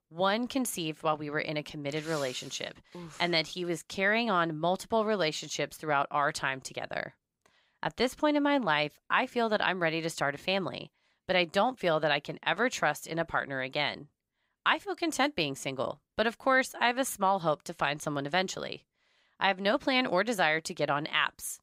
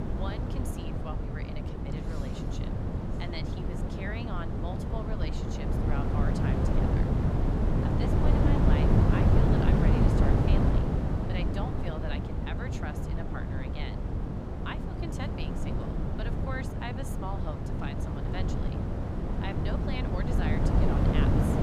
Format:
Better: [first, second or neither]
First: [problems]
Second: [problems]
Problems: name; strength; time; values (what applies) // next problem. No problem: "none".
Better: first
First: none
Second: wind noise on the microphone; heavy; 5 dB above the speech